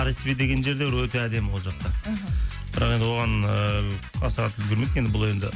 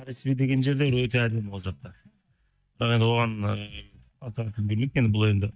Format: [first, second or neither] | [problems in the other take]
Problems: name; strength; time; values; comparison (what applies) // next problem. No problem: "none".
first | noise reduction (neural mask model DeepFilterNet 3)